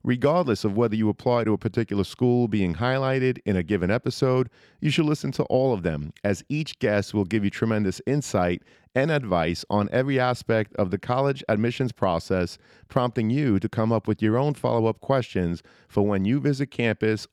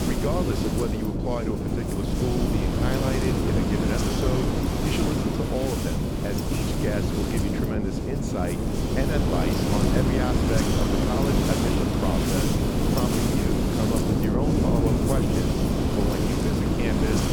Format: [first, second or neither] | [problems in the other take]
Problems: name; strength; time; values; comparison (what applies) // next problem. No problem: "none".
first | wind noise on the microphone; heavy; 4 dB above the speech